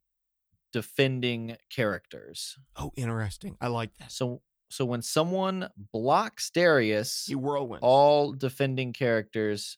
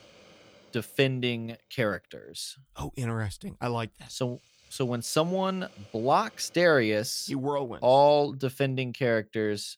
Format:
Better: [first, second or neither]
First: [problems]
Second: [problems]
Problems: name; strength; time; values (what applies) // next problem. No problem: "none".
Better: first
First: none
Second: hiss; faint; throughout; 30 dB below the speech